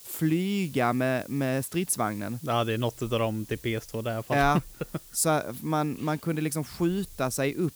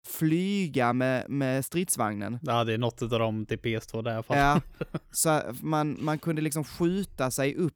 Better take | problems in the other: second | hiss; noticeable; throughout; 20 dB below the speech

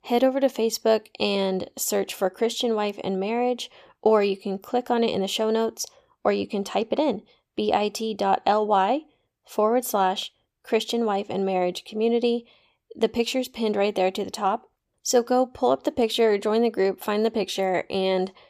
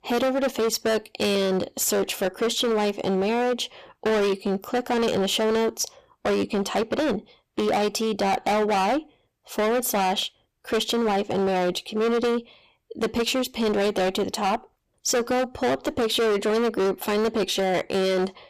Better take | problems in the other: first | distortion; heavy; 23% of the sound clipped

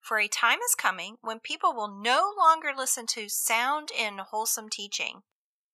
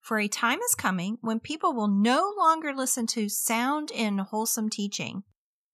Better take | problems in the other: second | thin; very; fading below 650 Hz

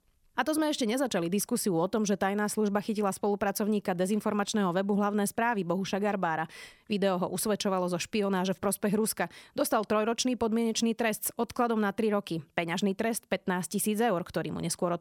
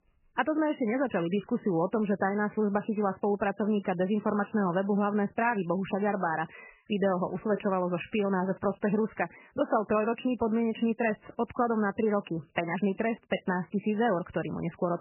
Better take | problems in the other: first | garbled, watery; badly; nothing above 3 kHz

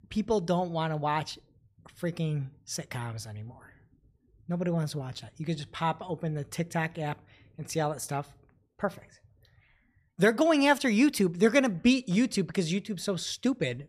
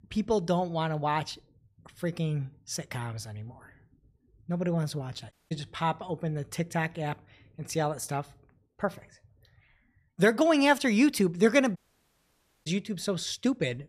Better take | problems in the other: first | audio cutting out; at 5.5 s and at 12 s for 1 s

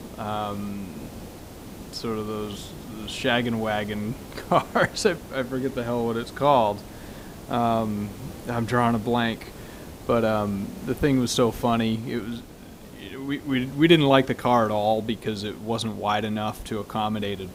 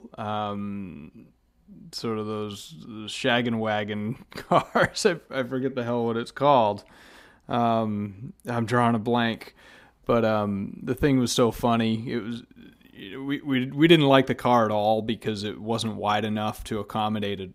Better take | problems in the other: second | hiss; noticeable; throughout; 15 dB below the speech

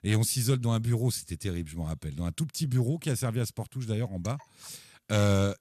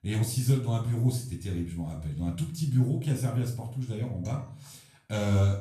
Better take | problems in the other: first | off-mic speech; far // room echo; slight; dies away in 0.4 s

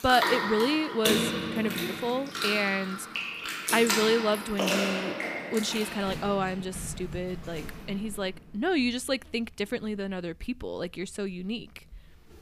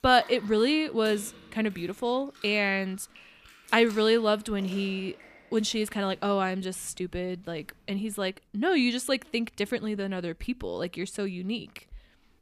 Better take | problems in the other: second | household noises; loud; throughout; 1 dB below the speech; faint in the second

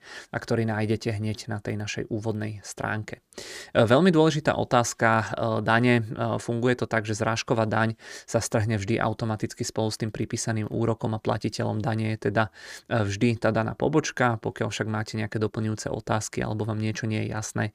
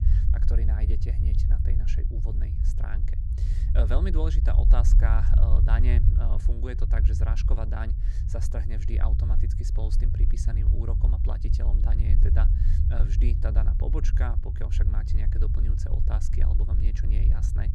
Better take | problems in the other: first | low rumble; loud; throughout; 3 dB below the speech

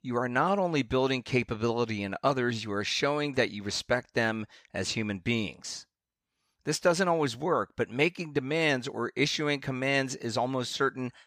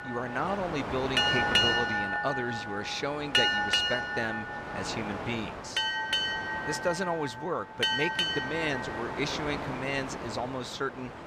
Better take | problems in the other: first | train or aircraft noise; very loud; throughout; 4 dB above the speech

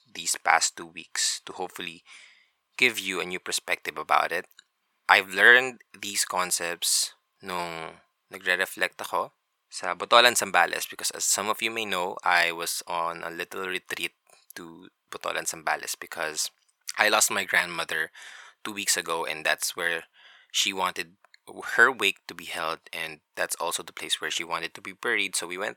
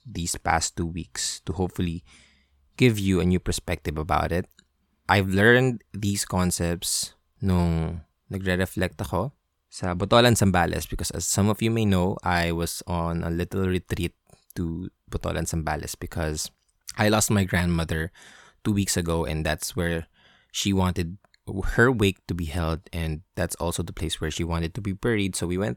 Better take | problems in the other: second | thin; very; fading below 650 Hz

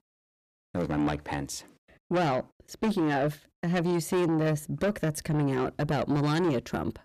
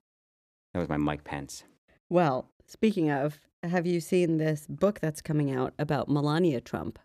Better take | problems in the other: second | distortion; heavy; 7 dB below the speech

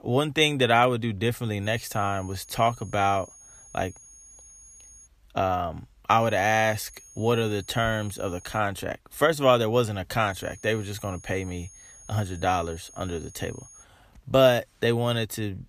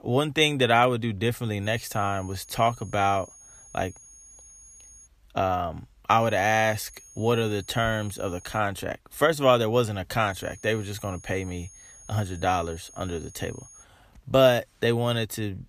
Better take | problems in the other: neither | high-pitched whine; faint; from 1.5 to 5 s, from 6 to 8.5 s and from 10 to 14 s; 6.5 kHz, 20 dB below the speech; the same in both

